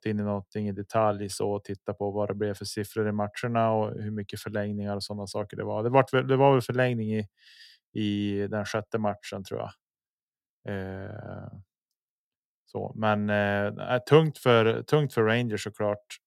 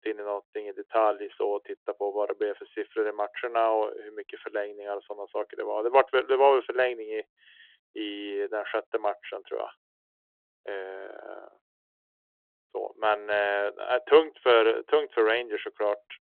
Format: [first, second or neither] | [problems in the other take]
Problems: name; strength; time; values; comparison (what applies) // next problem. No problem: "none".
first | phone-call audio